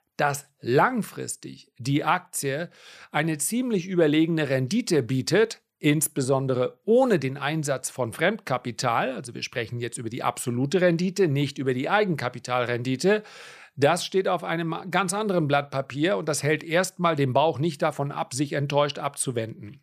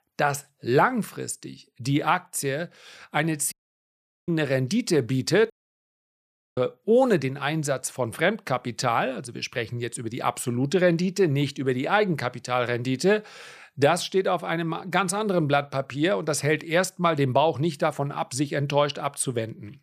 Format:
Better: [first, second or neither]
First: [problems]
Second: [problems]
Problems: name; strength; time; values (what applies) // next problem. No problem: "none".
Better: first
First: none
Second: audio cutting out; at 3.5 s for 1 s and at 5.5 s for 1 s